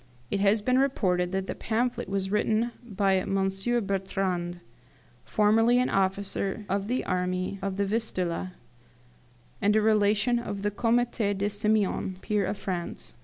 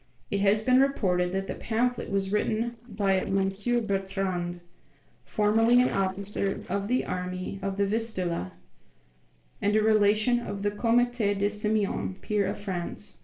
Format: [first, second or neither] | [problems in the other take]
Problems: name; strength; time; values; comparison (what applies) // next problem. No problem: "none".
first | noise reduction (neural separator model SepFormer DNS4)